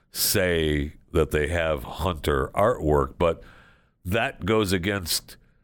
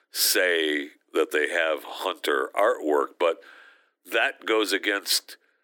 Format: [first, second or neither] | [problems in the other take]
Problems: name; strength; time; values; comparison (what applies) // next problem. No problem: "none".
first | thin; somewhat; fading below 300 Hz